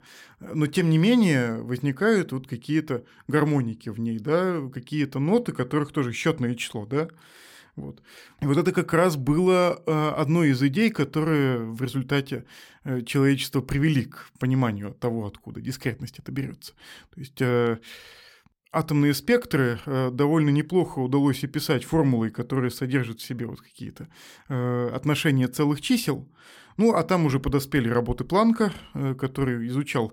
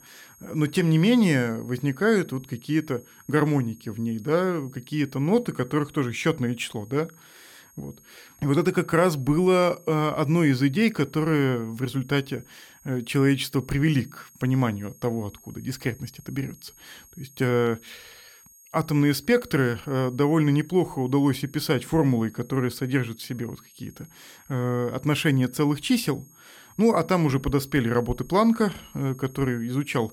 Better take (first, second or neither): first